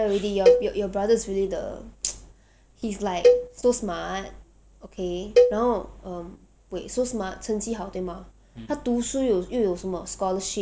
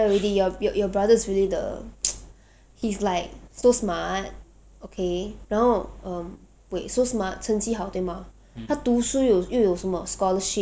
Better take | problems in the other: second | background sound (Cowbell); 3 dB above the speech

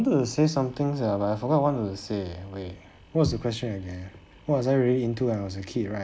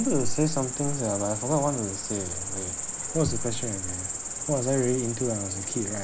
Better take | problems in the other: first | background sound (Cricket); 2 dB below the speech

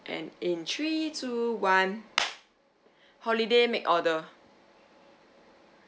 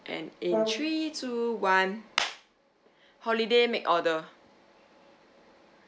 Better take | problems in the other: first | background sound (Brass instrument); 6 dB below the speech

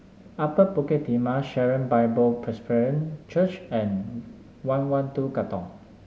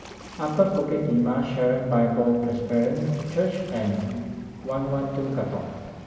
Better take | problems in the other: first | background sound (Waves, surf); 18 dB below the speech // room echo; dies away in 1.3 s

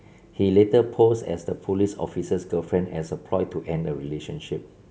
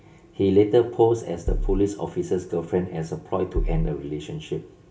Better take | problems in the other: first | background sound (Bass drum); as loud as the speech // room echo; dies away in 0.4 s

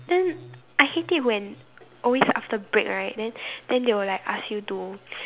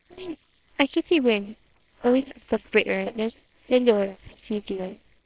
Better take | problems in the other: first | noise reduction (neural separator model SepFormer WHAMR!)

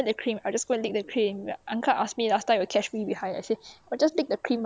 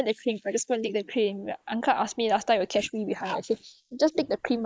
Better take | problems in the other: first | noise reduction (neural mask model Resemble Enhance denoiser)

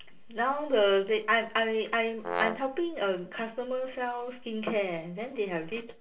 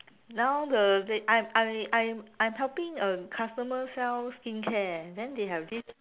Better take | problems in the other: second | background sound (Brass instrument); 4 dB below the speech // room echo; dies away in 0.3 s

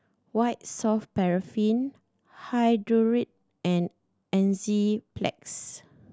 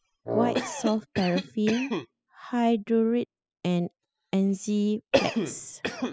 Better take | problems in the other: first | noise reduction (classical method spectral subtraction)

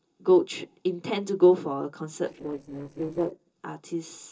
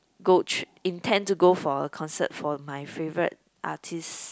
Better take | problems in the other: second | noise reduction (neural separator model SepFormer DNS4)

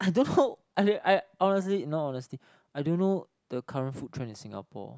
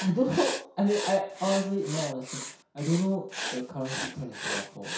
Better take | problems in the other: first | background sound (Writing); 8 dB below the speech // room echo; dies away in 0.6 s

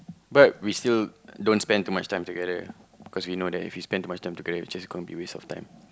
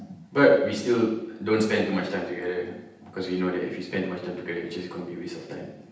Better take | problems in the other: first | room echo; dies away in 0.9 s

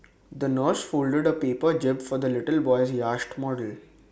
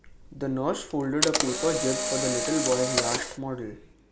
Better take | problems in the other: first | background sound (Camera); 1 dB below the speech

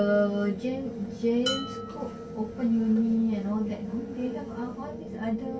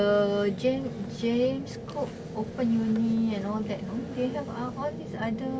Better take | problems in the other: second | background sound (Dishes, pots, and pans); 13 dB below the speech // room echo; dies away in 0.2 s

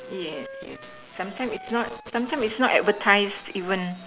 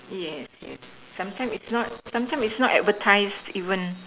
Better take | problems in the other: second | background sound (Wind instrument, woodwind instrument); 18 dB below the speech

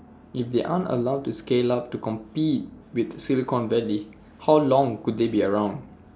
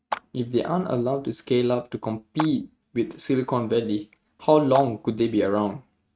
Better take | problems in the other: first | noise reduction (neural mask model RNNoise)

